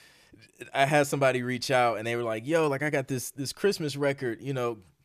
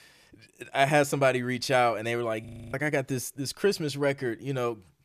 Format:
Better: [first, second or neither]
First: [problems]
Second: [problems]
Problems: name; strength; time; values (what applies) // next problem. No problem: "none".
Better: first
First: none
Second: audio freezing; at 2.5 s